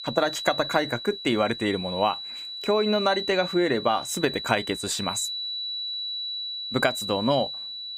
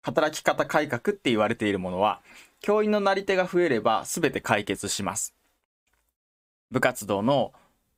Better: second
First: high-pitched whine; loud; throughout; 4 kHz, 5 dB below the speech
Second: none

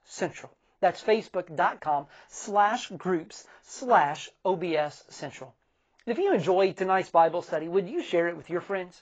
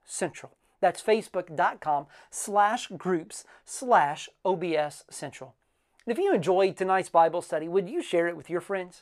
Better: second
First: garbled, watery; badly; nothing above 7.5 kHz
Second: none

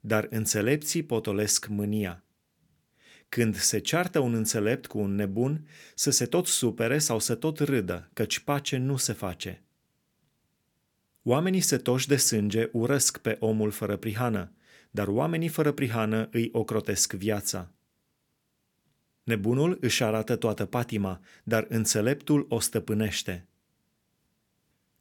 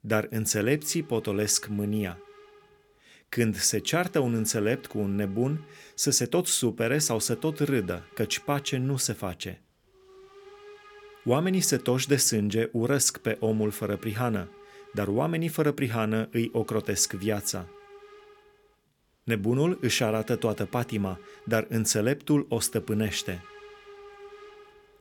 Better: first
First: none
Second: hiss; faint; throughout; 25 dB below the speech

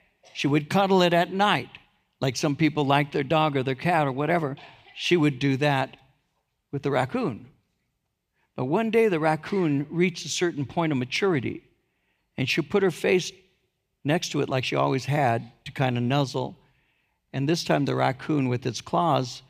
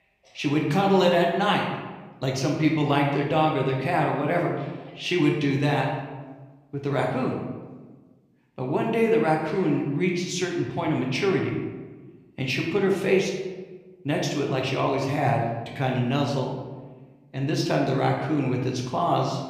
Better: first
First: none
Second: room echo; noticeable; dies away in 1 s // off-mic speech; somewhat distant

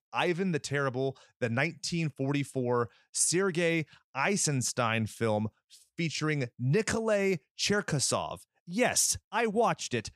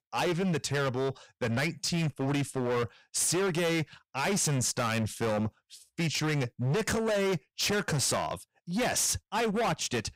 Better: first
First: none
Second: distortion; heavy; 25% of the sound clipped

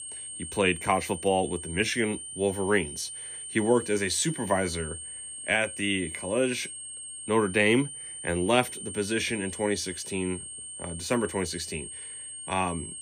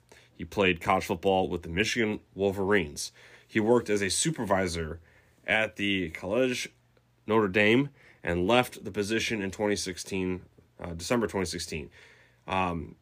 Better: second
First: high-pitched whine; loud; throughout; 8.5 kHz, 9 dB below the speech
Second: none

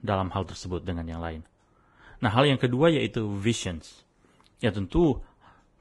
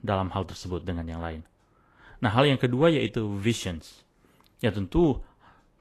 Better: second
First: garbled, watery; badly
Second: garbled, watery; slightly; nothing above 13 kHz

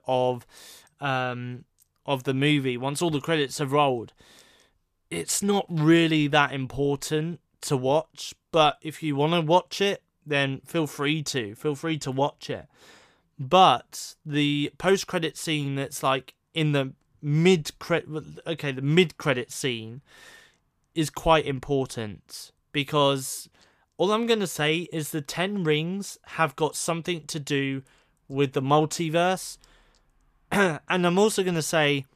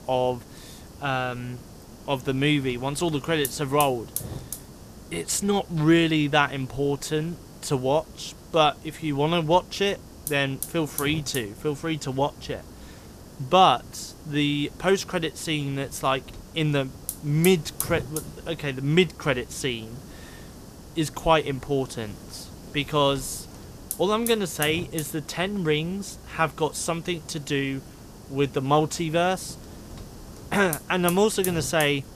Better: first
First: none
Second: hiss; noticeable; throughout; 15 dB below the speech

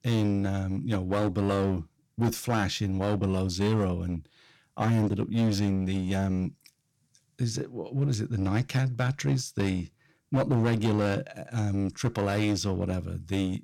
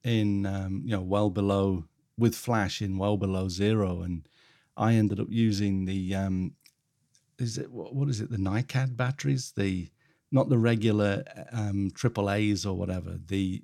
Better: second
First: distortion; slight; 11% of the sound clipped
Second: none

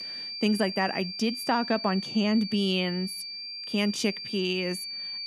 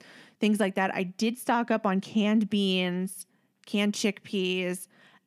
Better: second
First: high-pitched whine; loud; throughout; 4.5 kHz, 7 dB below the speech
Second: none

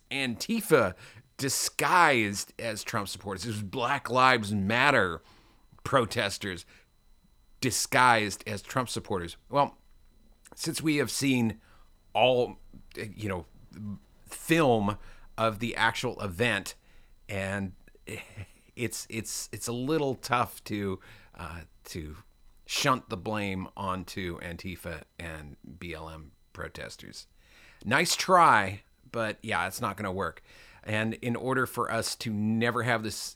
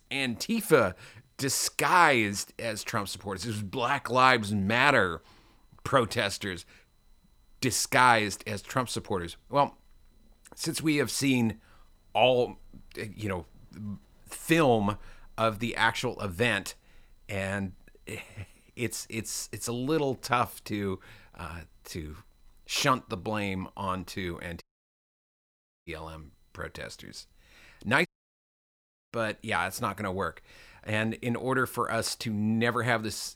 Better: first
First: none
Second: audio cutting out; at 25 s for 1 s and at 28 s for 1 s

